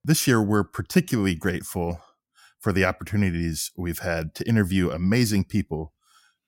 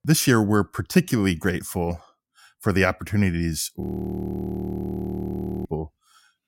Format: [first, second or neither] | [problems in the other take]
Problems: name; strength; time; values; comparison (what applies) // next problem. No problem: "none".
first | audio freezing; at 4 s for 2 s